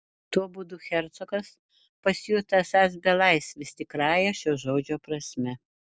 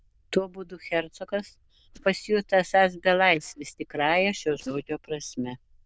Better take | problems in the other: first | noise reduction (neural diffusion model UNIVERSE++)

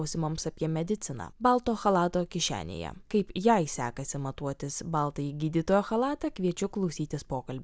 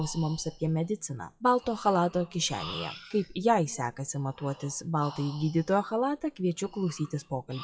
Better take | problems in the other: first | noise reduction (classical method WPE with log-MMSE)

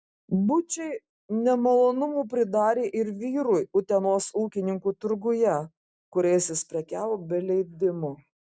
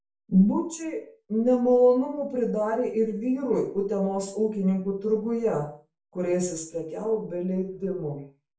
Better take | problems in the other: first | room echo; dies away in 0.4 s

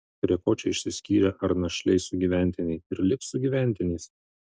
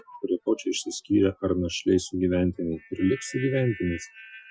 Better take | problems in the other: first | noise reduction (classical method Wiener filter)

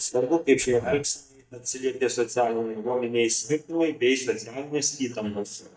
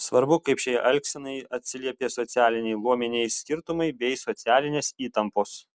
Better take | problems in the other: second | noise reduction (neural mask model DeepFilterNet 3)

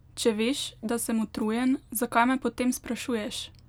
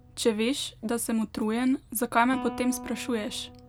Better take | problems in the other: first | background sound (Guitar); 15 dB below the speech

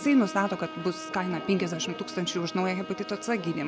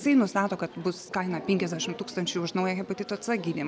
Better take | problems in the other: second | background sound (Bowed string instrument); 13 dB below the speech

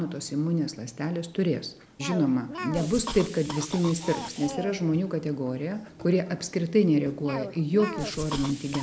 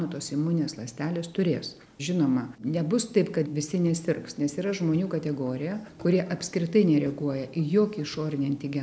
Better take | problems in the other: second | background sound (Cough); 12 dB below the speech

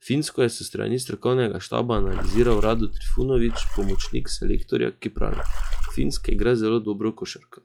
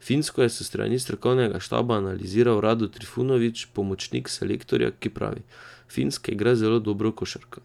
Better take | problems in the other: second | noise reduction (classical method log-MMSE)

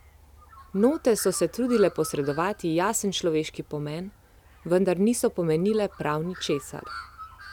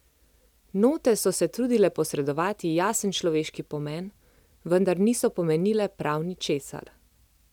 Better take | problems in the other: second | background sound (Bird); 20 dB below the speech

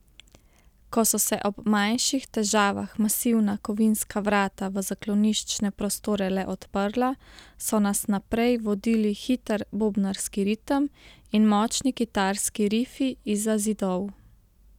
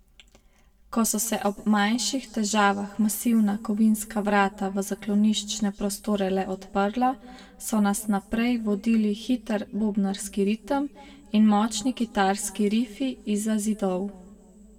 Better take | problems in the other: first | room echo; dies away in 1.4 s

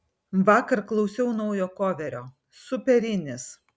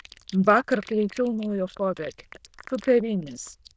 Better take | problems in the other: first | noise reduction (neural diffusion model UNIVERSE++)

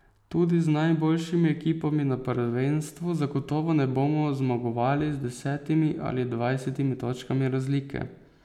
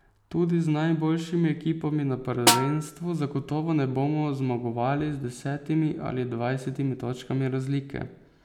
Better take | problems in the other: first | background sound (Snare drum); 1 dB above the speech

